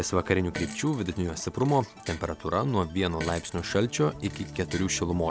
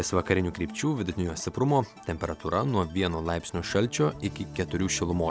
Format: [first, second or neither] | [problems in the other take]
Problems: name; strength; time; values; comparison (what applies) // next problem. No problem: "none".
second | background sound (Fart); 17 dB below the speech